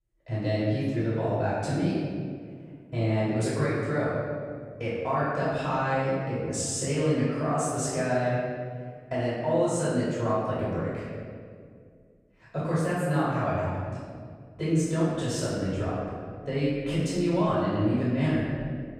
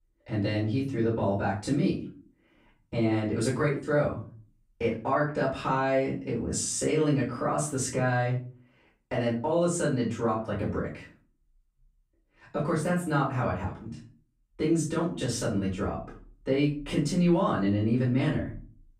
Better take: second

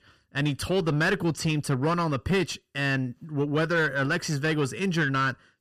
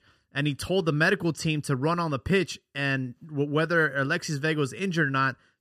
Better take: second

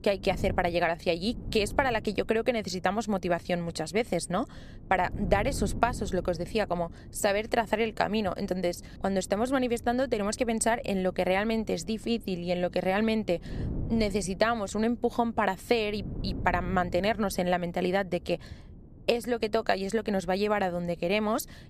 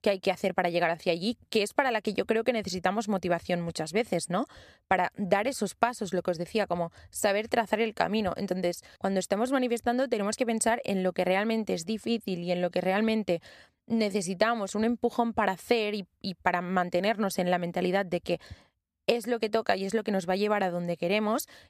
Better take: second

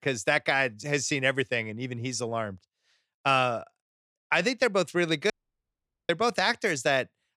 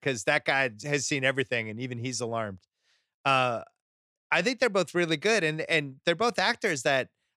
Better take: second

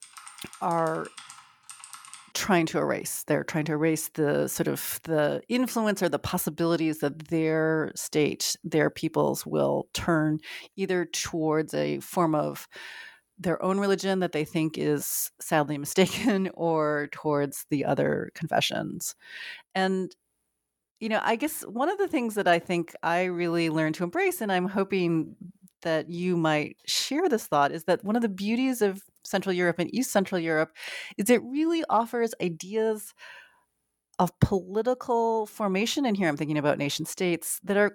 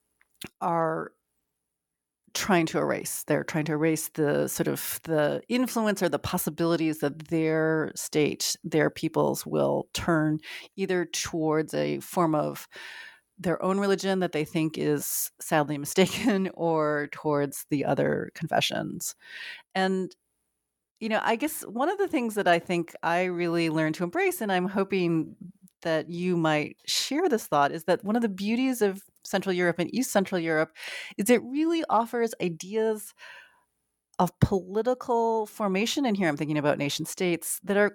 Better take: second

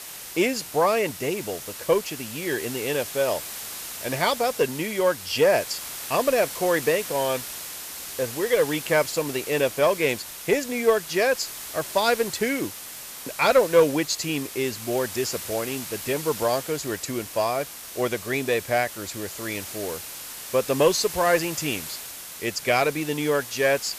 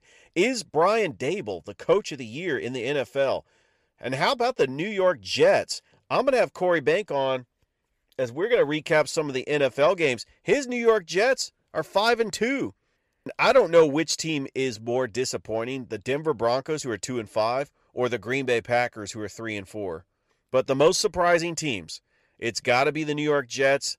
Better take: second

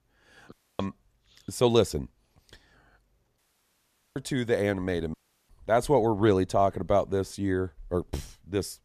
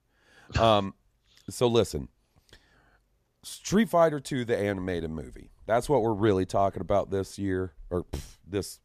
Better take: second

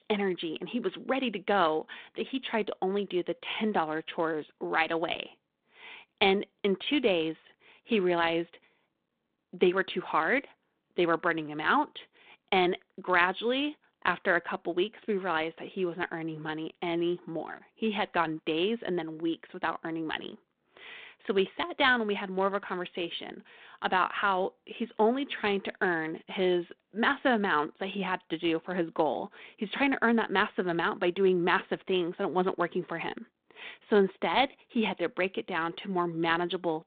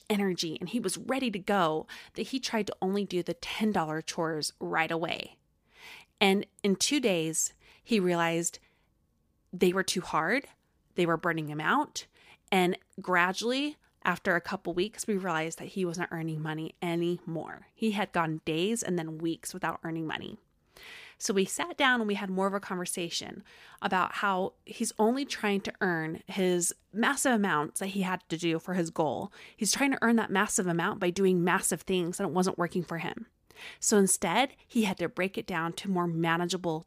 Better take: second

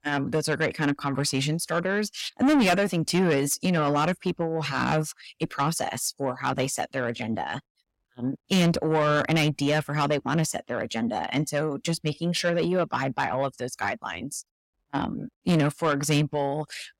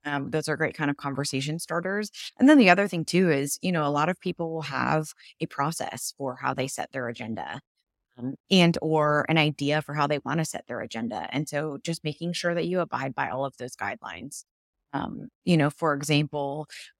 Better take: second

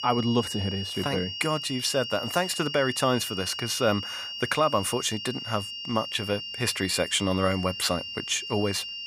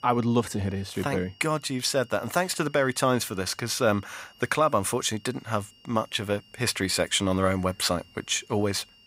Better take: second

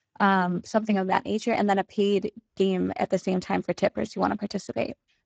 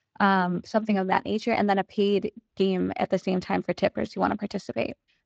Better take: second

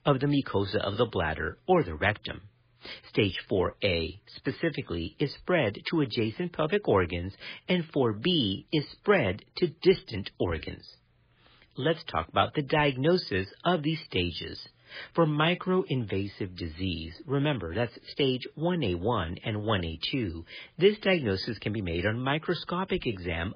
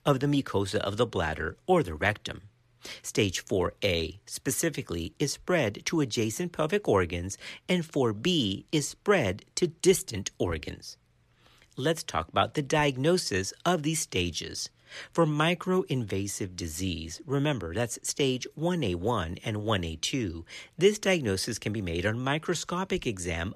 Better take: second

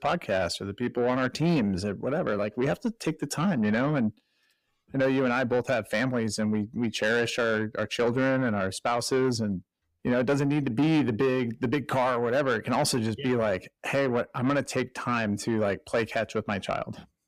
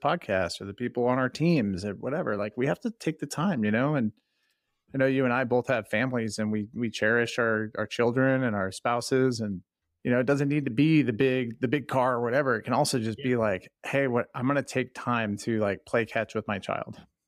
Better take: second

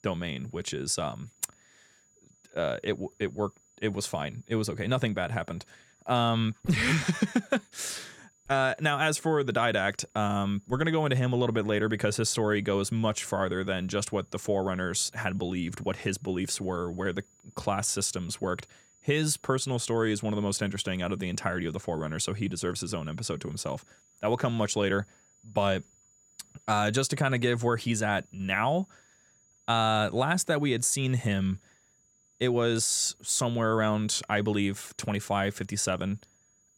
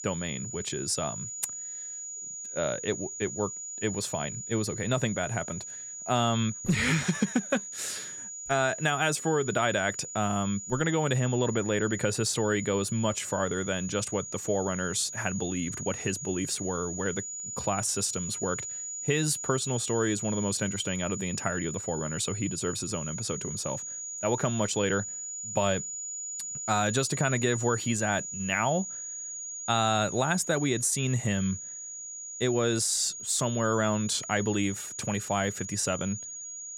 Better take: first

